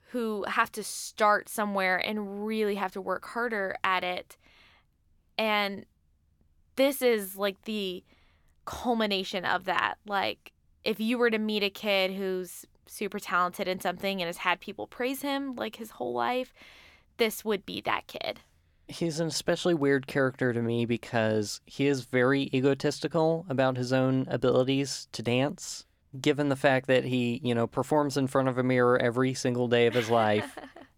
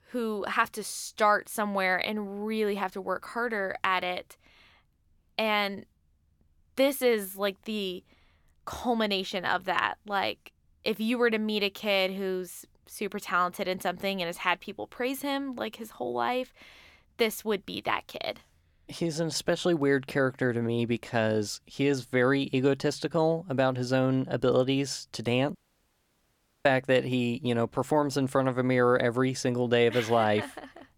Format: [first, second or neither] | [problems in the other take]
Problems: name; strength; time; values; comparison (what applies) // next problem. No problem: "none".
first | audio cutting out; at 26 s for 1 s